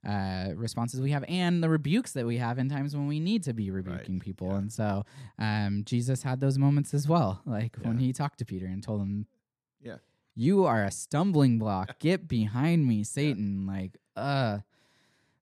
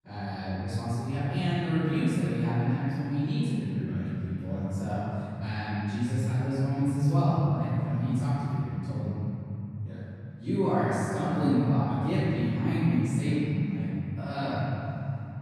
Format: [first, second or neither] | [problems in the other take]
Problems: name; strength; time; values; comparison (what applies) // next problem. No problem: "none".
first | off-mic speech; far // room echo; strong; dies away in 3 s